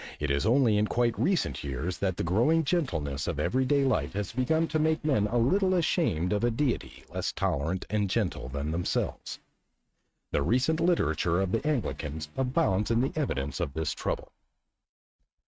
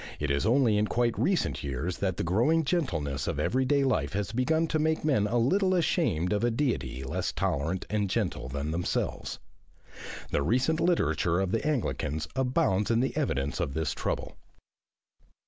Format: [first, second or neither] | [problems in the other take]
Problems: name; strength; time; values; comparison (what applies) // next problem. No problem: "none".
second | noise reduction (neural mask model RNNoise)